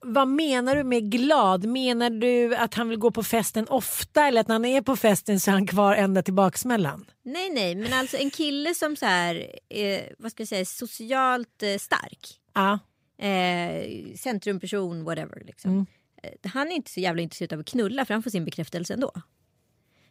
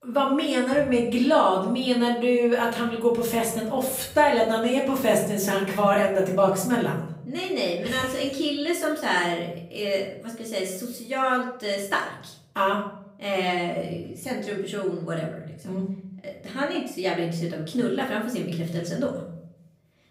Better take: first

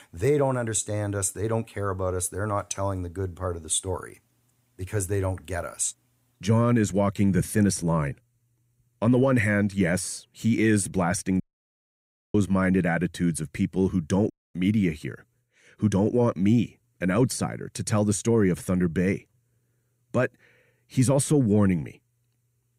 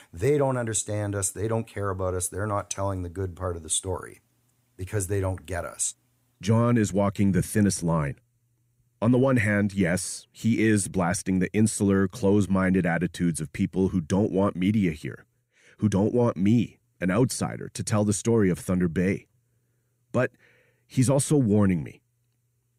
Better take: second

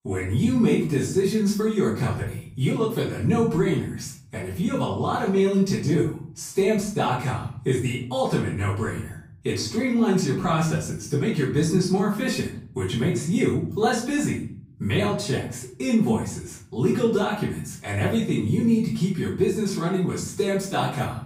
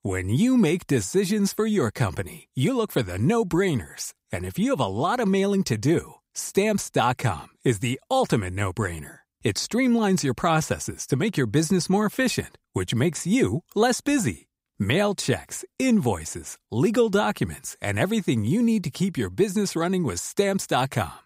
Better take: second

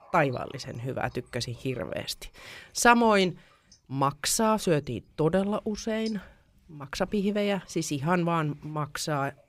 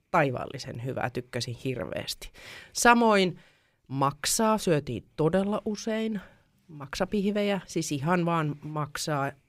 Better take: second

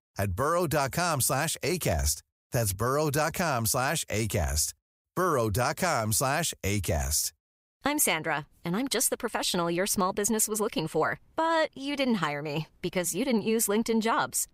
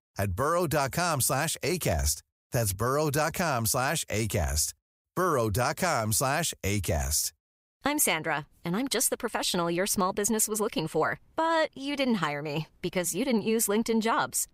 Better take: neither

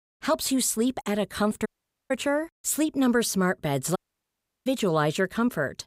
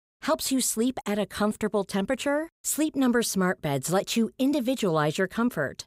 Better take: second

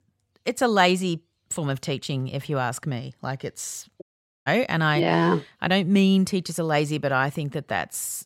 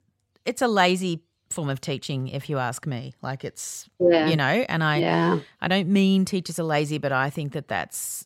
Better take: second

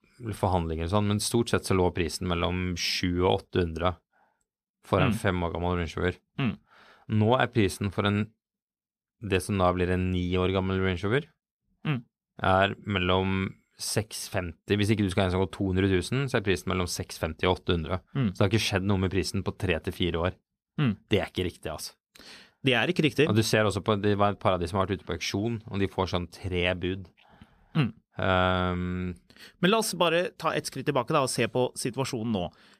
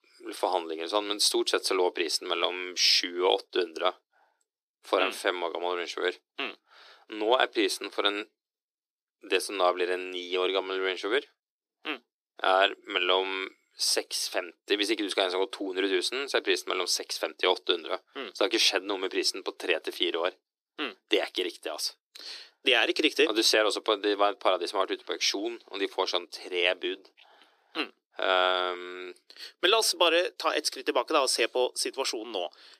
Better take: first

